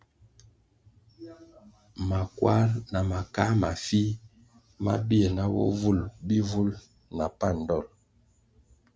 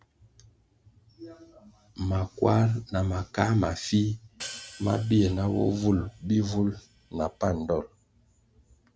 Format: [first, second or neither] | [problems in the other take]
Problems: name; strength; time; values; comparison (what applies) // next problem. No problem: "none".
first | background sound (Hi-hat); 19 dB below the speech